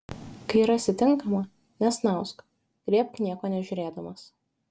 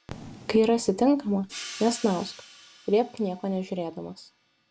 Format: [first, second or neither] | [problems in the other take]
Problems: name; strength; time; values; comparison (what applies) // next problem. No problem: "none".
first | background sound (Hi-hat); 19 dB below the speech